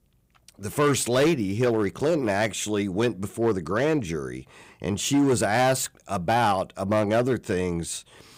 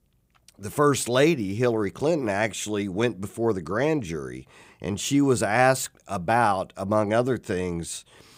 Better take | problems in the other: second | distortion; slight; 6% of the sound clipped

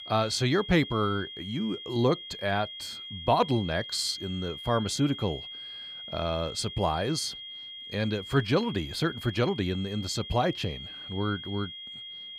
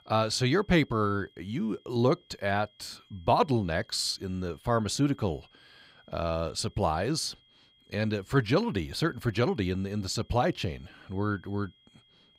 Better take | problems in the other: second | high-pitched whine; loud; throughout; 3.5 kHz, 10 dB below the speech; faint in the second

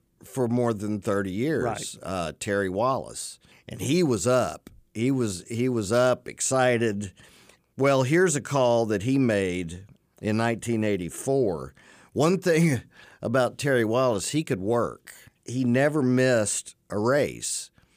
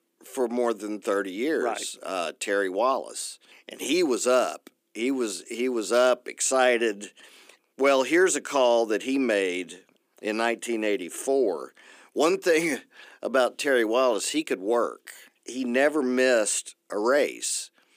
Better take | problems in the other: first | thin; very slightly; fading below 250 Hz

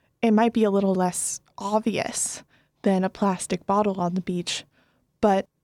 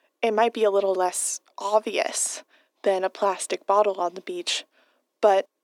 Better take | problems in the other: first | thin; very; fading below 300 Hz

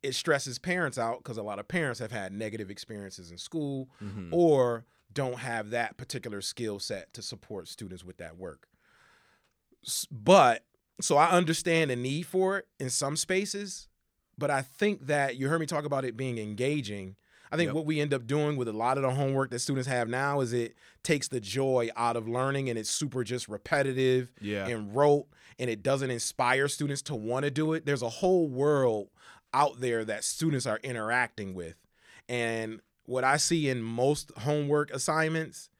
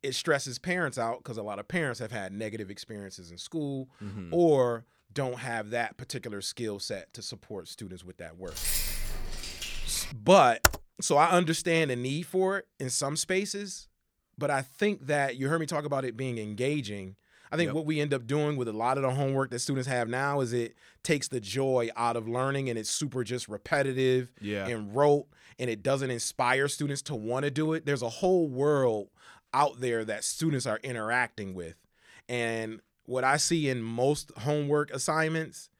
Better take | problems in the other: first | jangling keys; loud; from 8.5 to 10 s; peak level with the speech // keyboard typing; very faint; at 11 s; peak 3 dB above the speech

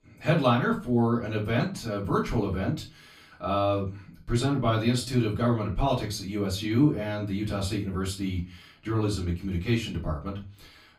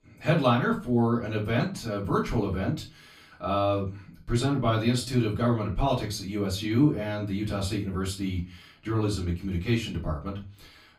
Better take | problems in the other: neither | off-mic speech; far; the same in both // room echo; very slight; dies away in 0.2 s; the same in both

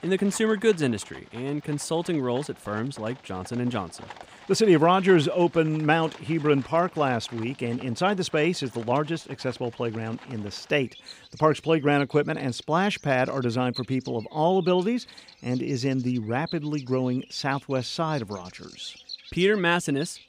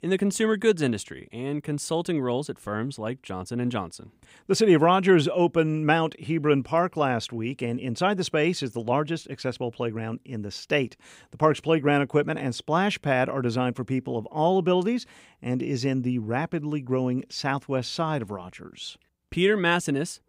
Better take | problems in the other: second | animal sounds; faint; throughout; 20 dB below the speech

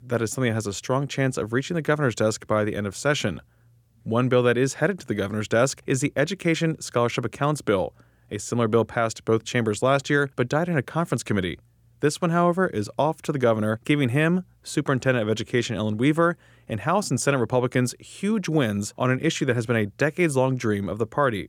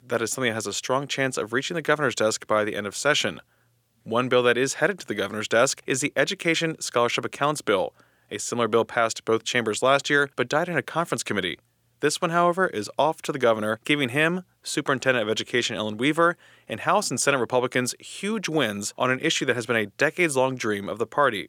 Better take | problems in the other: first | thin; very slightly; fading below 1 kHz

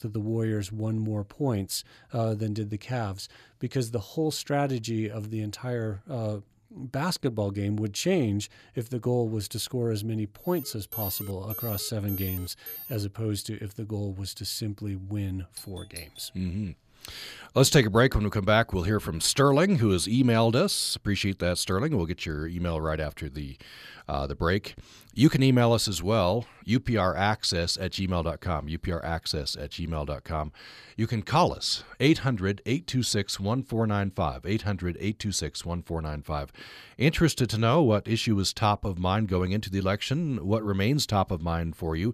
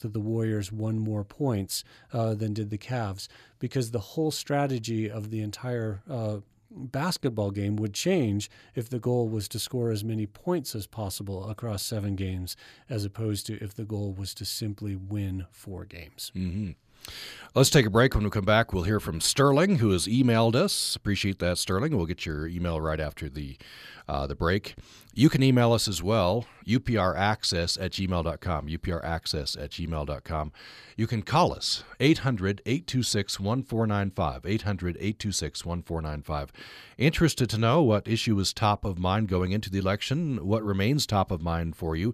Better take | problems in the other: second | alarm; noticeable; from 10 to 13 s; peak 5 dB below the speech // doorbell; faint; at 16 s; peak 15 dB below the speech

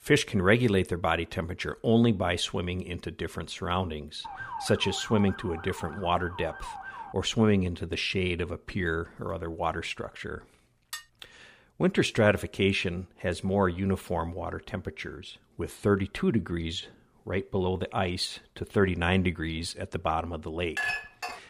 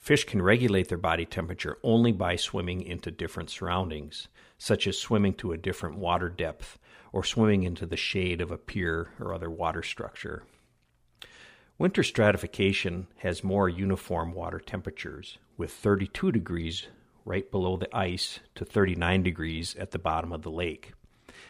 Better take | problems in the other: second | siren; noticeable; from 4 to 7 s; peak 9 dB below the speech // clattering dishes; faint; at 11 s; peak 10 dB below the speech // clattering dishes; noticeable; at 21 s; peak 1 dB below the speech

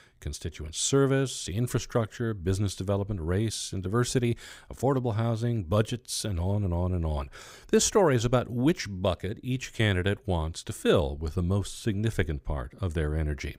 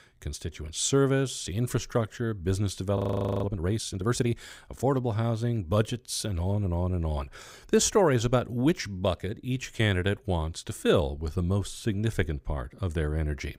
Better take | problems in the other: first | audio freezing; at 3 s

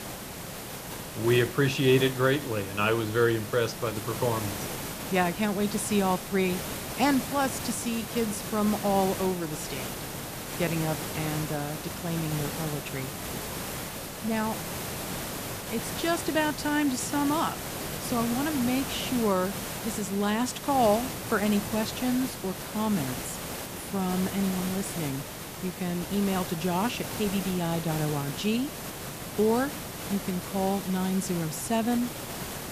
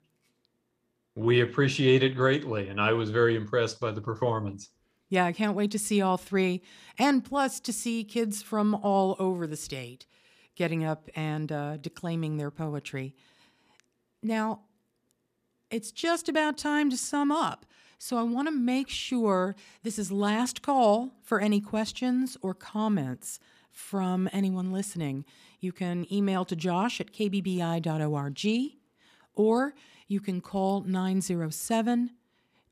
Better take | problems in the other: second | hiss; loud; throughout; 6 dB below the speech

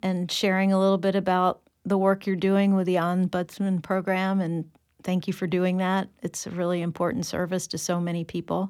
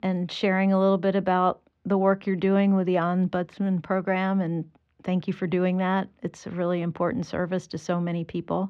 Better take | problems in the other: first | muffled; slightly; fading above 3 kHz

